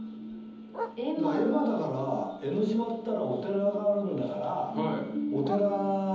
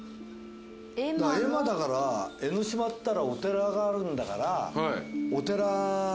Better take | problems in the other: second | background sound (Bark); 17 dB below the speech // room echo; dies away in 1.3 s

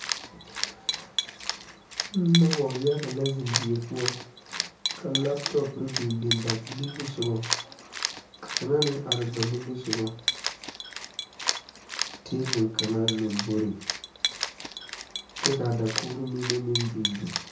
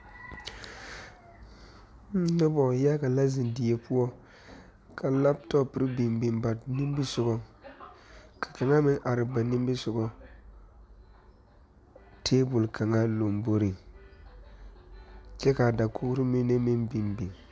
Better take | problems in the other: second | background sound (Cat); 4 dB below the speech // room echo; dies away in 0.7 s

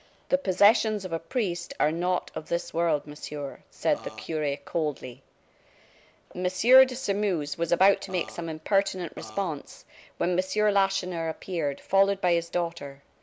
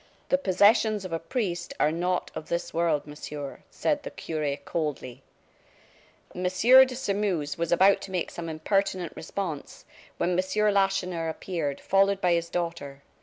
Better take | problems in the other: second | background sound (Burping, eructation); 17 dB below the speech

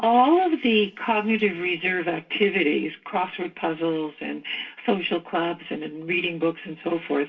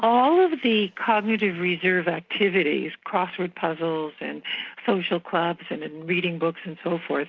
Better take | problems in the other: second | room echo; dies away in 0.2 s

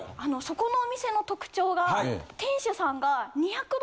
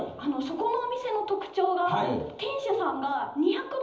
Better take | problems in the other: first | room echo; dies away in 1.2 s

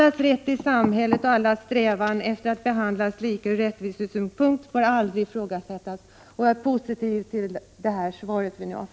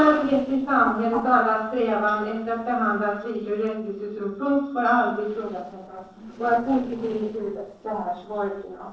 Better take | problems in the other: first | noise reduction (neural separator model SepFormer DNS4)

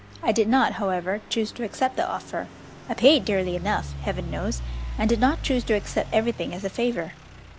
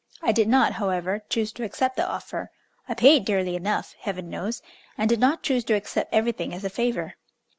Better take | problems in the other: second | background sound (Idling / Truck); 11 dB below the speech

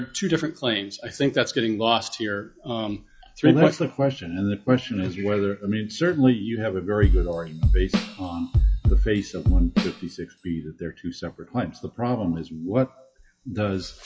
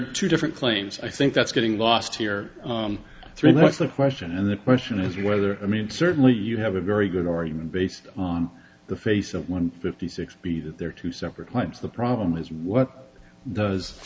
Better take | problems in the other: second | noise reduction (classical method log-MMSE)

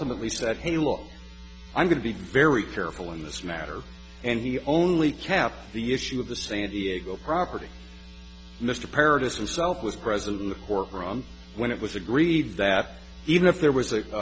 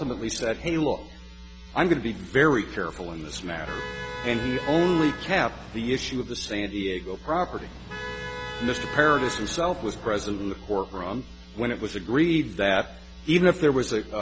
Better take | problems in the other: first | background sound (Motor vehicle (road)); 10 dB below the speech

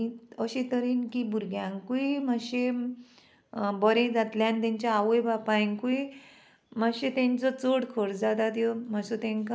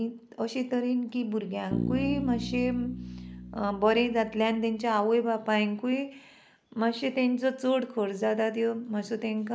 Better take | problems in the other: first | background sound (Bass guitar); 8 dB below the speech

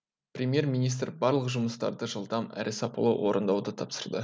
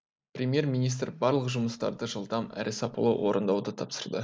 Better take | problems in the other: first | noise reduction (neural mask model Resemble Enhance denoiser)

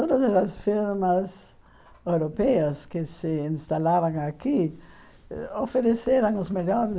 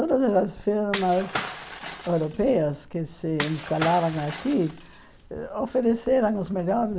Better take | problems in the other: first | background sound (Shatter / Crushing); 10 dB below the speech

